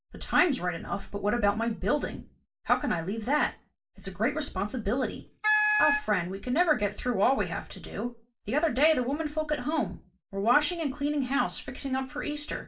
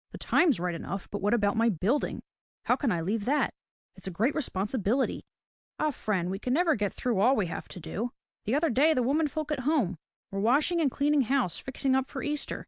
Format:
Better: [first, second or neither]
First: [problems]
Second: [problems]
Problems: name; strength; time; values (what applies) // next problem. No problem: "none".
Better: second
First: background sound (Wind instrument, woodwind instrument); 1 dB above the speech // room echo; dies away in 0.2 s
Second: none